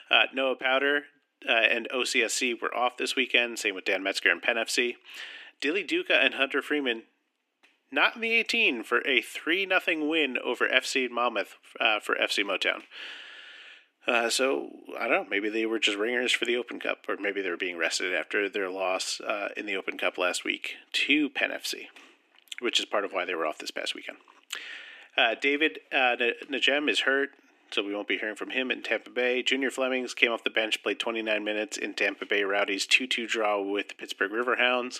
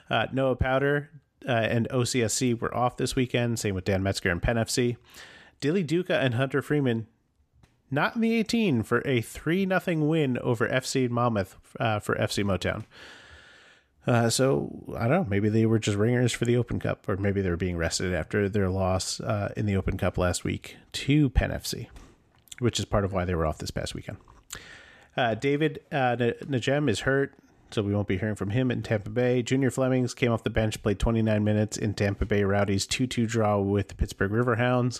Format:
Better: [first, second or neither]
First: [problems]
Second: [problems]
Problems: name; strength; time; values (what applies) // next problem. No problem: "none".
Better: second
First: thin; somewhat; fading below 300 Hz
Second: none